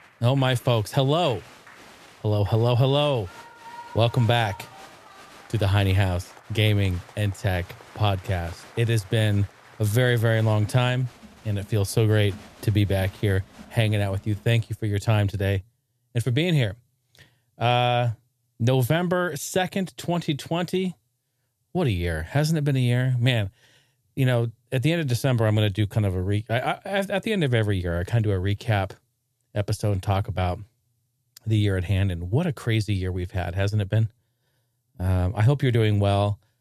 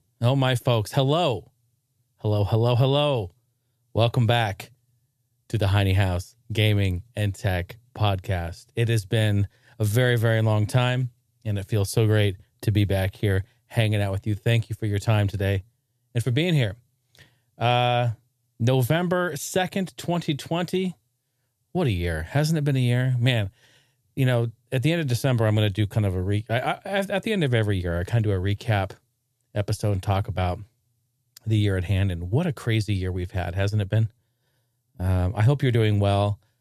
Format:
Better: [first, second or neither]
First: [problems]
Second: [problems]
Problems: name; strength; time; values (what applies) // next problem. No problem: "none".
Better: second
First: crowd noise; faint; until 15 s; 20 dB below the speech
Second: none